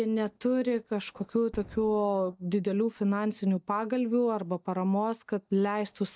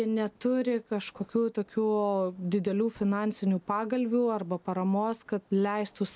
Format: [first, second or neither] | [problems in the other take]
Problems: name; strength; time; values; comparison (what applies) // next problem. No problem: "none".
second | noise reduction (neural mask model DeepFilterNet 3)